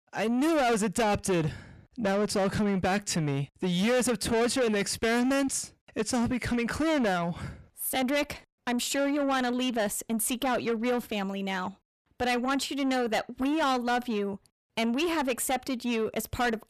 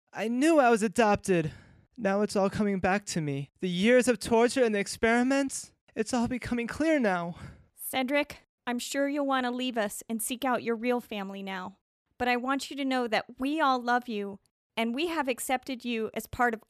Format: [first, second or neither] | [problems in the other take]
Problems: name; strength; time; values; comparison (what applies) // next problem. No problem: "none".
second | distortion; heavy; 7 dB below the speech